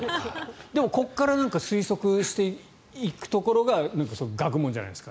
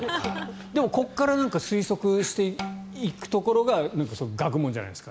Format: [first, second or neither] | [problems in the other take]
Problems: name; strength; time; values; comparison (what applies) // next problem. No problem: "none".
first | background sound (Bowed string instrument); 14 dB below the speech